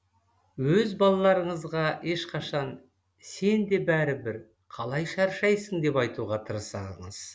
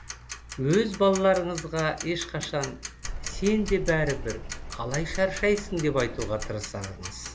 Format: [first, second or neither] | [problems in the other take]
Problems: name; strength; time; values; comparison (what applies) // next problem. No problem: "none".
first | background sound (Bird vocalization, bird call, bird song + Tick-tock); 9 dB below the speech